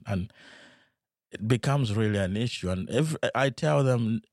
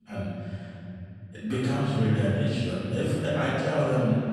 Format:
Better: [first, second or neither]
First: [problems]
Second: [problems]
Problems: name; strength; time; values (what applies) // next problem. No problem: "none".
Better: first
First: none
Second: off-mic speech; far // room echo; strong; dies away in 3 s